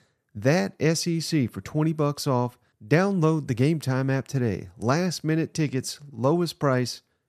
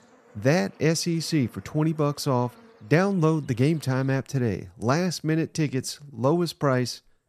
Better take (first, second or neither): first